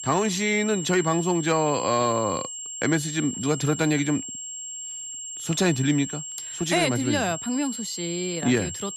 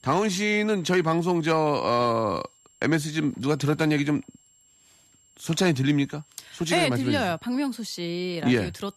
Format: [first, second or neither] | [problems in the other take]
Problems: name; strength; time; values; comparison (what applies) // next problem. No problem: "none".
second | high-pitched whine; loud; throughout; 7.5 kHz, 8 dB below the speech; faint in the second